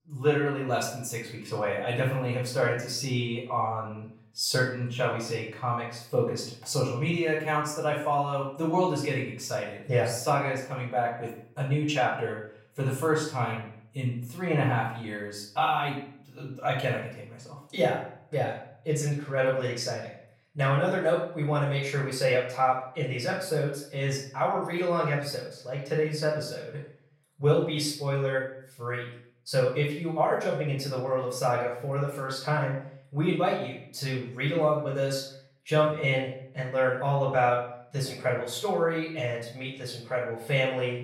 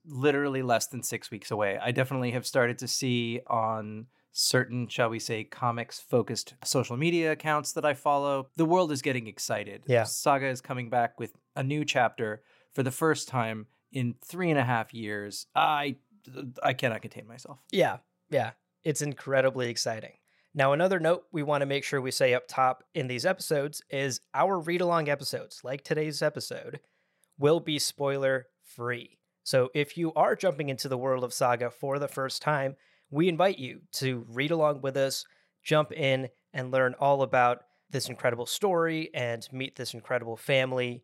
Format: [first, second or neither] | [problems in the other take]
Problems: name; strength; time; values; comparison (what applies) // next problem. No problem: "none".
second | off-mic speech; far // room echo; noticeable; dies away in 0.5 s